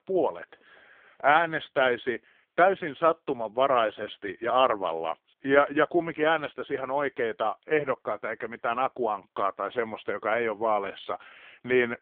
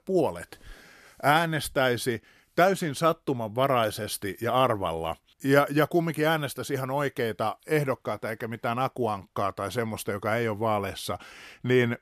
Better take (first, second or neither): second